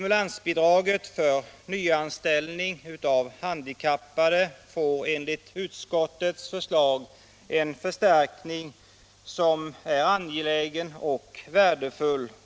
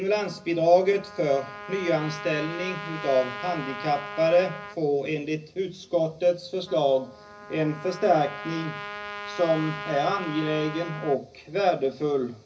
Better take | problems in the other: first | background sound (Trumpet); 13 dB below the speech // room echo; dies away in 0.4 s

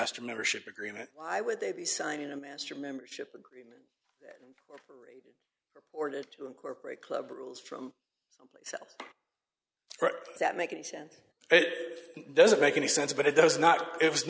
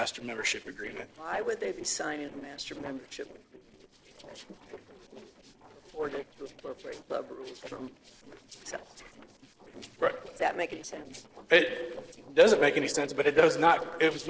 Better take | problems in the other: first | noise reduction (neural separator model SepFormer DNS4)

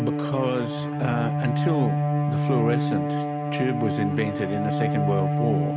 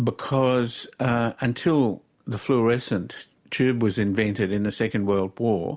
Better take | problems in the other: second | background sound (Bowed string instrument); 3 dB above the speech

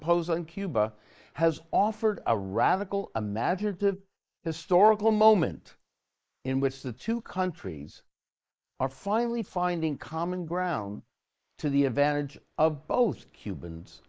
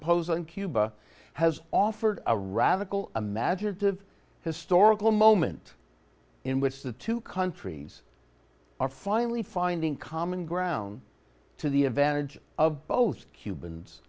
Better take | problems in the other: second | noise reduction (neural mask model Resemble Enhance denoiser)

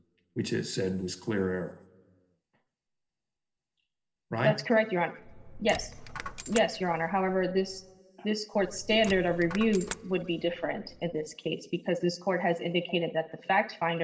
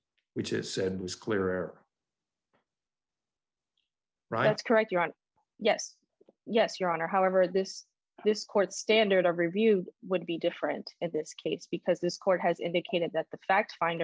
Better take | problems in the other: second | background sound (Coin (dropping)); 13 dB below the speech // room echo; dies away in 1.2 s

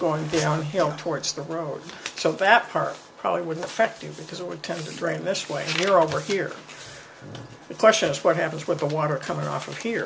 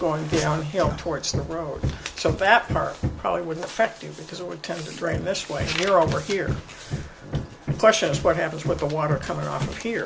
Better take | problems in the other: first | background sound (Hammer); 8 dB below the speech

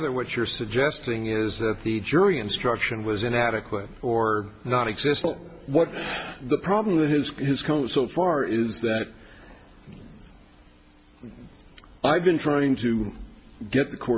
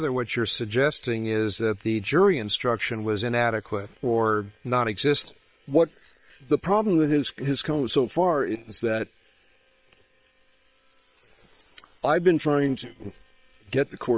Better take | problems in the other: first | noise reduction (neural separator model SepFormer WHAM!)

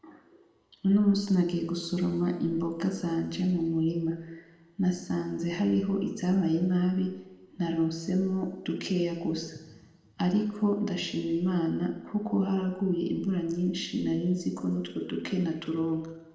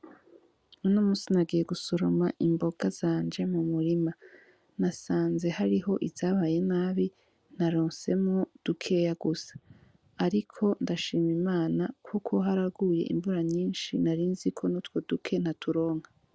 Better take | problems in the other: second | room echo; dies away in 0.9 s

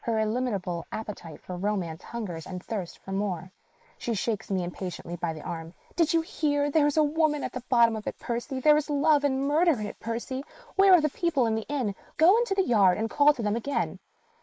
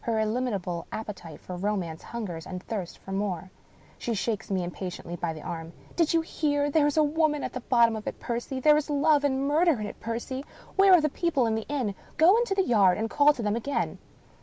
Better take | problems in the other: second | noise reduction (neural mask model Resemble Enhance denoiser)

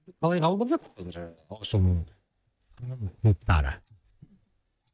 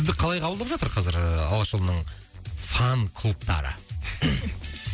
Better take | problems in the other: second | noise reduction (neural mask model DeepFilterNet 3)

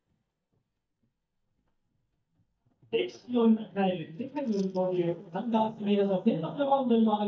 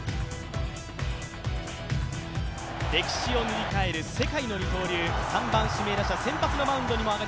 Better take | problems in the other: second | noise reduction (neural mask model DeepFilterNet 3)

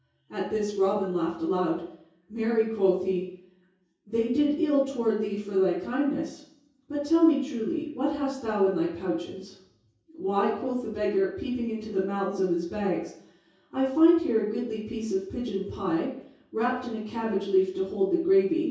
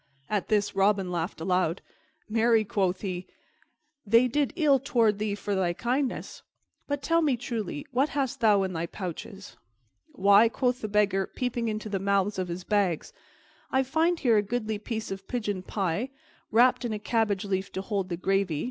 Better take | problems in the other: second | room echo; dies away in 0.6 s

